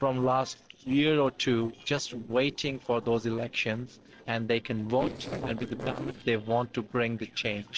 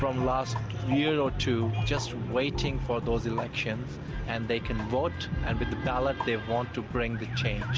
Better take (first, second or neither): second